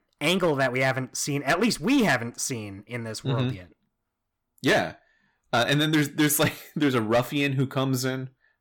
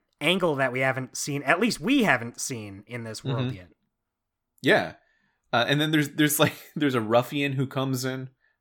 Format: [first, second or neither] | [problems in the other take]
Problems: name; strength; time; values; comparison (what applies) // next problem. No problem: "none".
second | distortion; slight; 5% of the sound clipped